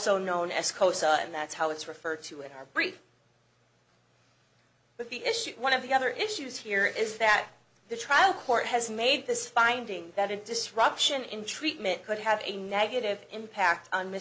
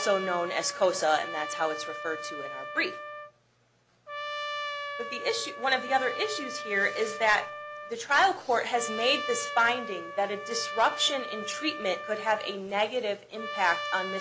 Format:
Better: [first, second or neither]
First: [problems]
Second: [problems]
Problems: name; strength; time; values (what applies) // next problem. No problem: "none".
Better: first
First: none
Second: background sound (Trumpet); 8 dB below the speech